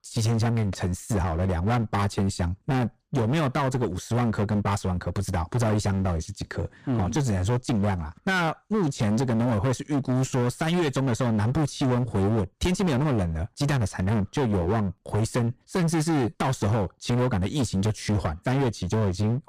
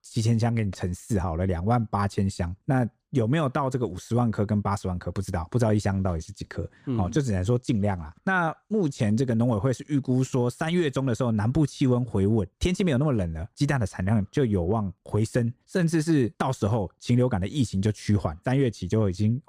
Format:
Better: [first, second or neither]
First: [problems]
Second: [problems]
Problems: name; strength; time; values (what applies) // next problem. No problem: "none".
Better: second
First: distortion; heavy; 25% of the sound clipped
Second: none